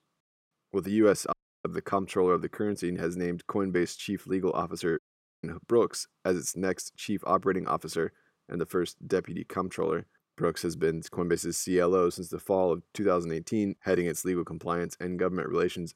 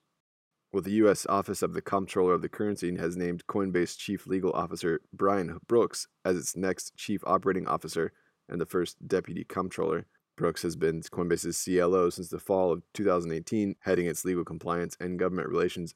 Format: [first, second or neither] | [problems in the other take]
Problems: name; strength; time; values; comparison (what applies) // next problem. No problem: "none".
second | audio cutting out; at 1.5 s and at 5 s